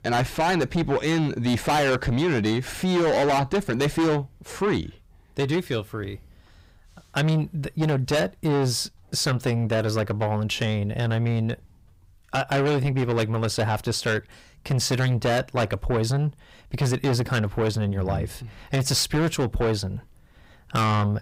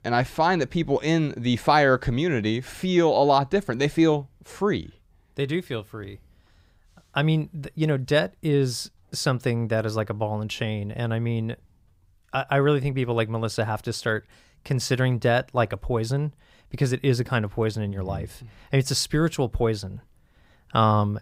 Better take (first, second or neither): second